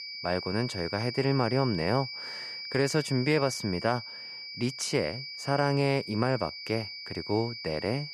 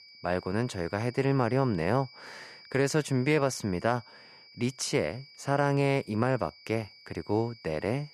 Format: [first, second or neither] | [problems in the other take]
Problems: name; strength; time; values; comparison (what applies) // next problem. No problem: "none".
second | high-pitched whine; loud; throughout; 4.5 kHz, 8 dB below the speech; faint in the second